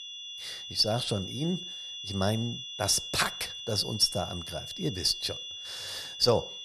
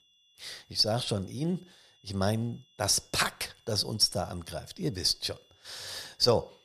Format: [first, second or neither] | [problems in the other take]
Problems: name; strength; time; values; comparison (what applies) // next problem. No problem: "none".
second | high-pitched whine; loud; throughout; 3.5 kHz, 9 dB below the speech; faint in the second